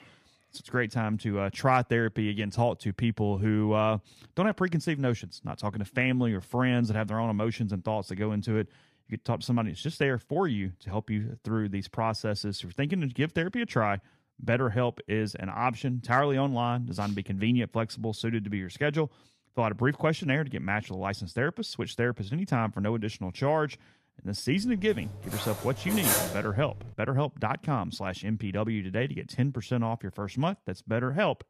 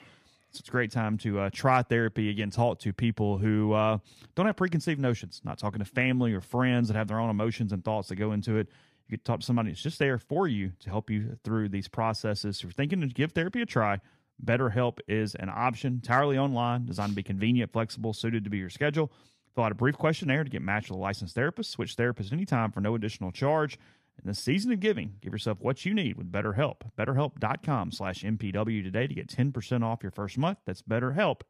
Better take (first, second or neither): second